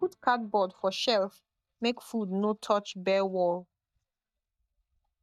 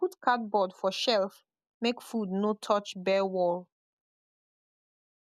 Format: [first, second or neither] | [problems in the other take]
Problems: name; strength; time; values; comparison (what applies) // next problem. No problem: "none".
second | noise reduction (neural mask model DeepFilterNet 3)